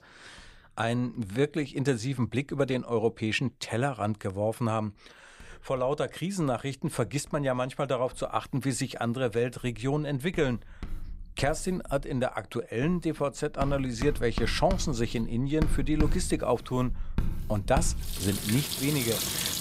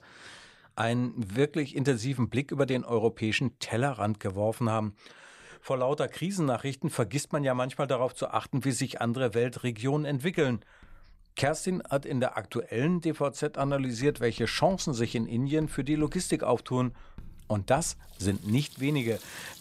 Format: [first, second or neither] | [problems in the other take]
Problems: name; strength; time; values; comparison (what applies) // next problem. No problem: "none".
second | household noises; loud; throughout; 5 dB below the speech; faint in the second